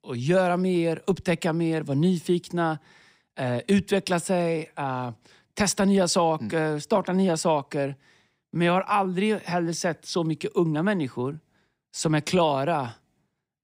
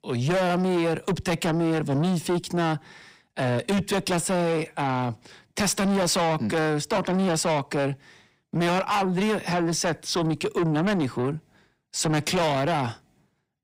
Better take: first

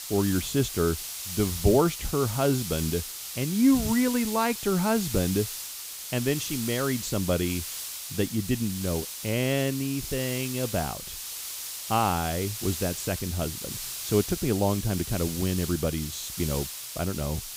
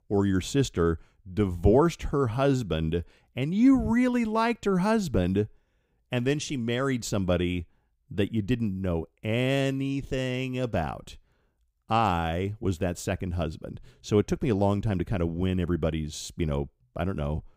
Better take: second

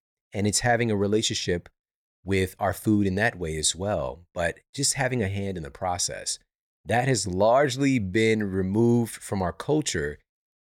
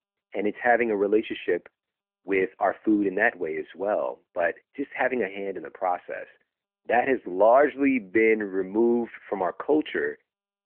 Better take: first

